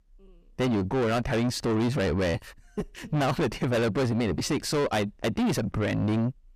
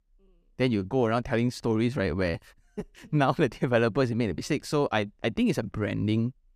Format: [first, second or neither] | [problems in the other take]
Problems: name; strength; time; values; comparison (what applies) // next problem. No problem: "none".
second | distortion; heavy; 6 dB below the speech